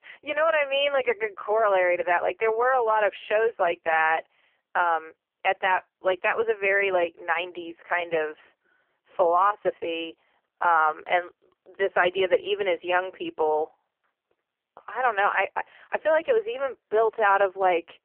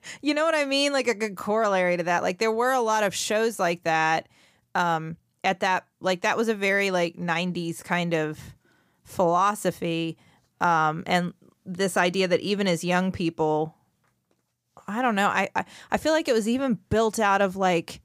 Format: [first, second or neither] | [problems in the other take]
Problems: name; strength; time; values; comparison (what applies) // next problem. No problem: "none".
second | phone-call audio; poor line; nothing above 3 kHz